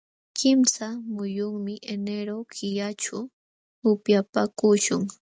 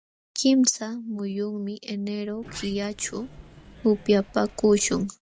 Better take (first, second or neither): first